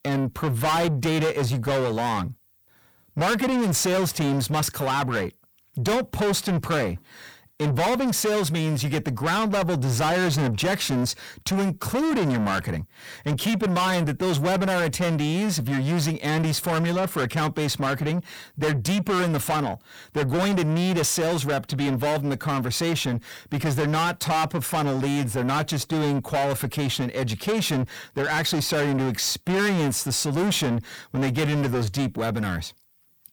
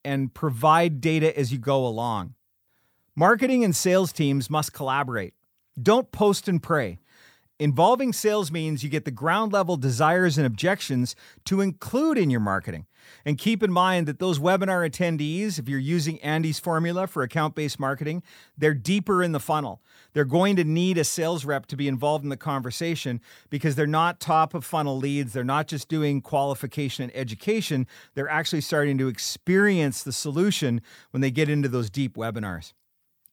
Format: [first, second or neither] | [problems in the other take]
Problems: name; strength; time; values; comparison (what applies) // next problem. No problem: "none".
second | distortion; heavy; 6 dB below the speech